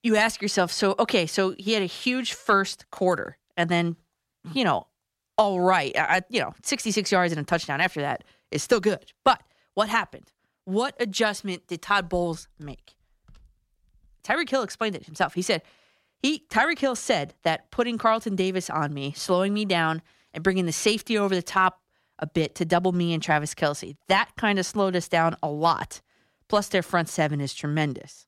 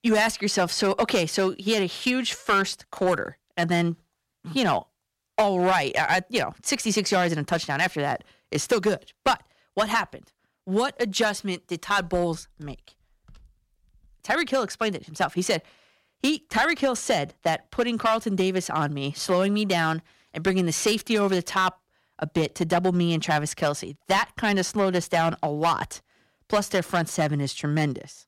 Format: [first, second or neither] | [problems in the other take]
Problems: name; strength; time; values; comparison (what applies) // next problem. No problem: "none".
first | distortion; slight; 4% of the sound clipped